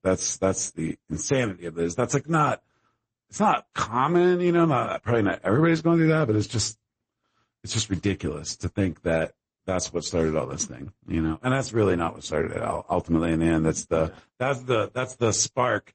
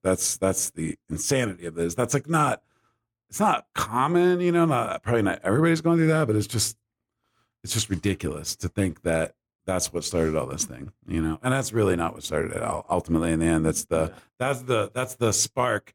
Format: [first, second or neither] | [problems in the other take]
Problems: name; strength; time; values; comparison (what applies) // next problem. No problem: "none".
second | garbled, watery; slightly; nothing above 8 kHz